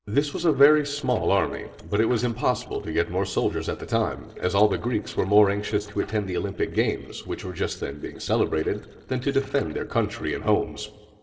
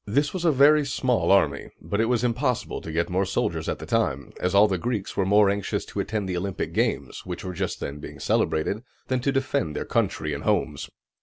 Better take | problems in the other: second | noise reduction (neural separator model SepFormer DNS4)

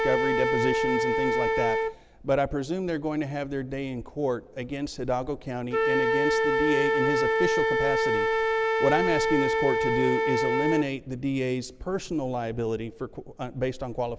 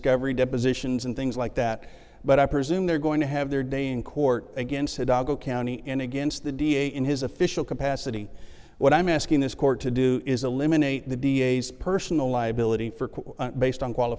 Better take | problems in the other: second | background sound (Wind instrument, woodwind instrument); 2 dB above the speech

